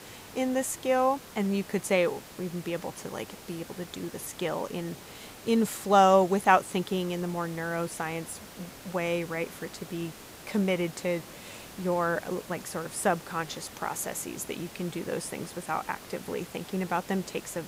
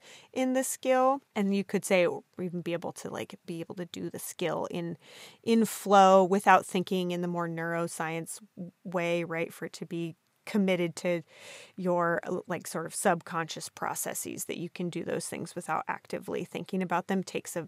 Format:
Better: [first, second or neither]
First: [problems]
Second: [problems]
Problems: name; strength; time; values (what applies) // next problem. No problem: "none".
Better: second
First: hiss; noticeable; throughout; 15 dB below the speech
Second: none